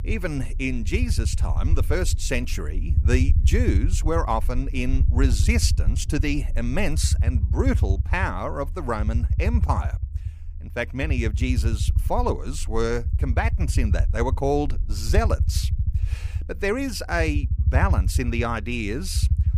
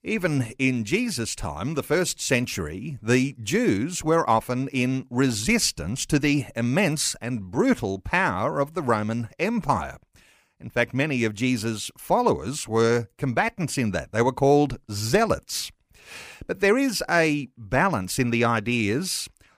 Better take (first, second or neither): second